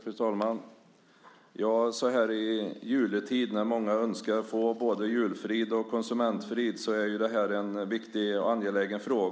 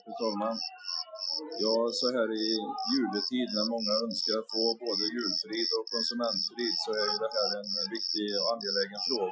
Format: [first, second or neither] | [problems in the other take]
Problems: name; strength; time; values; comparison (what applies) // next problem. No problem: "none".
first | noise reduction (classical method Wiener filter)